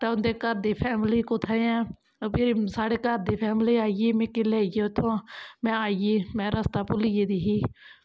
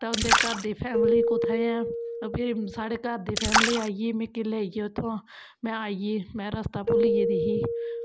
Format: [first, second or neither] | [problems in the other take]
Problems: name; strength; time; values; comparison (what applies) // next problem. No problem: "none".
first | background sound (Keyboard (musical) + Splash, splatter); 2 dB above the speech